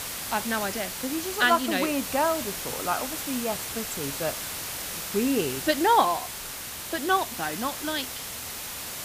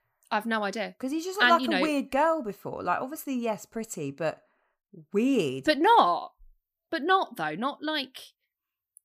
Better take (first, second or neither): second